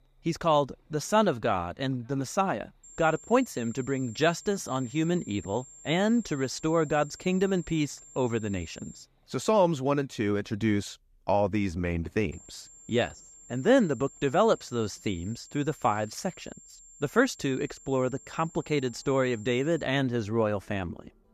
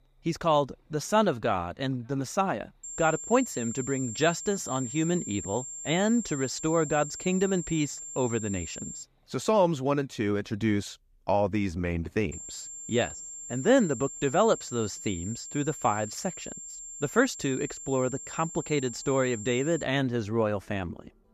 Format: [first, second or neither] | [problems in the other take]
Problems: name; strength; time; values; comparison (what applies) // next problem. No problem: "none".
first | high-pitched whine; loud; from 3 to 9 s and from 12 to 20 s; 7.5 kHz, 9 dB below the speech; faint in the first